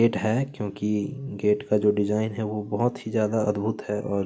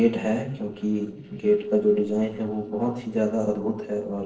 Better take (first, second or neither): first